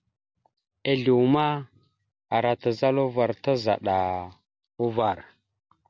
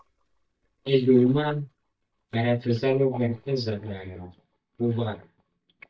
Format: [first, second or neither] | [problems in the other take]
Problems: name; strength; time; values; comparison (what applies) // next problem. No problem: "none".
first | noise reduction (neural mask model DeepFilterNet 3)